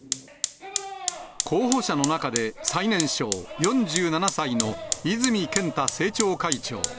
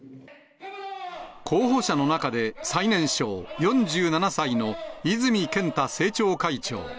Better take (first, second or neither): second